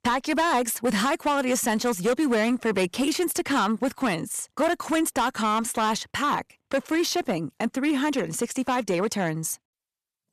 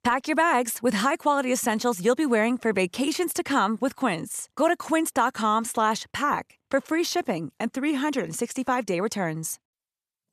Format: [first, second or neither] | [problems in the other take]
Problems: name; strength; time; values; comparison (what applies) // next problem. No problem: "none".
second | distortion; slight; 9% of the sound clipped